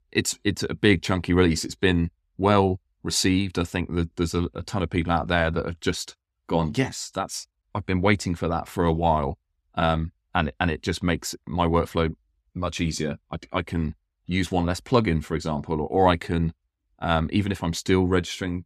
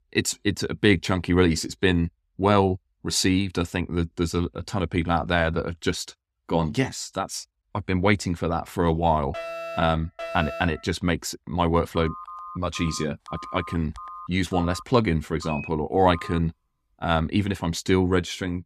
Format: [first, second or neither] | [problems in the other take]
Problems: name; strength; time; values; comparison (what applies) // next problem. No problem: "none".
first | alarm; noticeable; from 9.5 to 11 s; peak 8 dB below the speech // phone ringing; faint; from 12 to 16 s; peak 10 dB below the speech